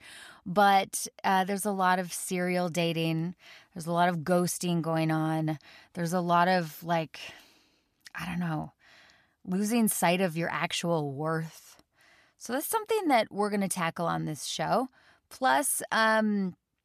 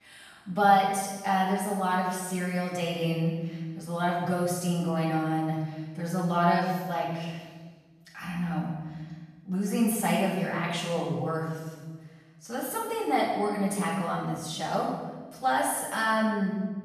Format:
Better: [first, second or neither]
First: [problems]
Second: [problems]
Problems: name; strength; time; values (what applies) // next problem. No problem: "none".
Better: first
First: none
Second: off-mic speech; far // room echo; strong; dies away in 1.2 s